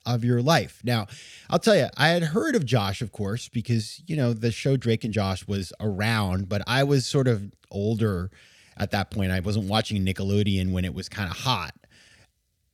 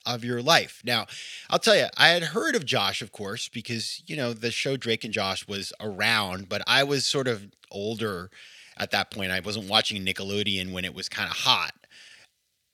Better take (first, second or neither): first